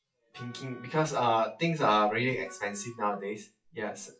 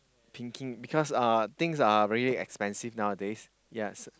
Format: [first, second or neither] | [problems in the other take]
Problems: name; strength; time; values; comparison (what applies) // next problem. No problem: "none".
second | noise reduction (classical method WPE with log-MMSE)